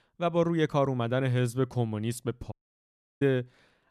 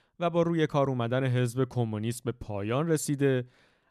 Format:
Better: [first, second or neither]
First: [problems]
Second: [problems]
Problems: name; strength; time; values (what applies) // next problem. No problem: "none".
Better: second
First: audio cutting out; at 2.5 s for 0.5 s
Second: none